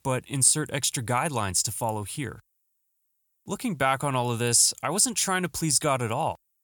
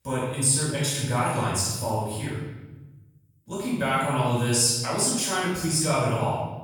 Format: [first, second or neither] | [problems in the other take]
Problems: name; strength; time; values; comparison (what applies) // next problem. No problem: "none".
first | off-mic speech; far // room echo; strong; dies away in 1 s